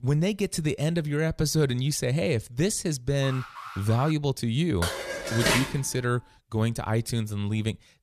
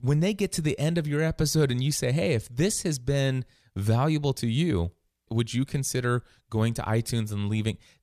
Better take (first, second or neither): second